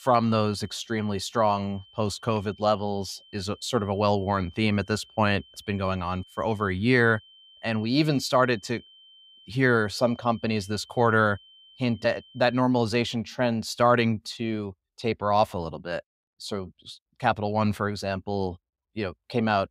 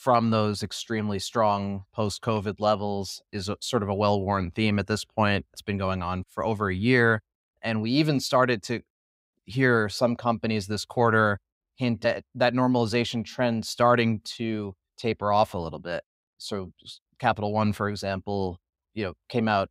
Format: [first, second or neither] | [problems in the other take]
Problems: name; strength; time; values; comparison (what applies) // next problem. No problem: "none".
second | high-pitched whine; faint; until 13 s; 3 kHz, 25 dB below the speech